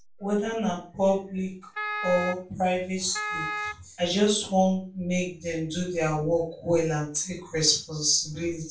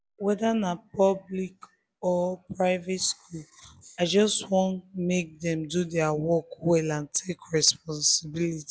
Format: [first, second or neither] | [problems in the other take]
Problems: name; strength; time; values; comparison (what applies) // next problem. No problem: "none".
second | background sound (Wind instrument, woodwind instrument); 7 dB below the speech // room echo; dies away in 0.3 s